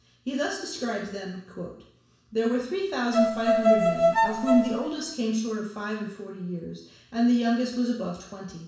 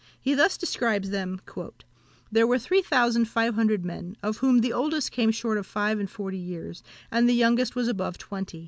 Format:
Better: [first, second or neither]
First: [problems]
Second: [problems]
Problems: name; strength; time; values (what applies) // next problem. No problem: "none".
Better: second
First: background sound (Bowed string instrument); 4 dB above the speech // room echo; dies away in 0.7 s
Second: none